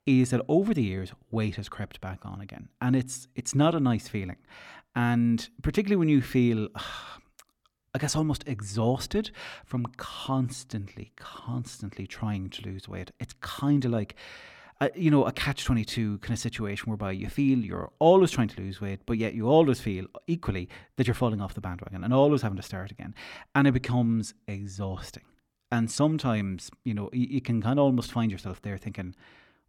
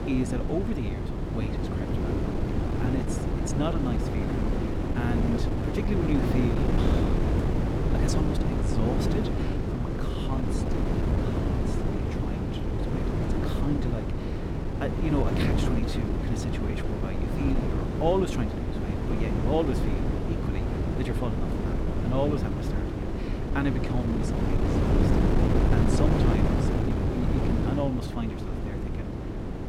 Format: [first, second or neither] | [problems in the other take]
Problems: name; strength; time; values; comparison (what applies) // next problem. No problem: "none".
first | wind noise on the microphone; heavy; 2 dB above the speech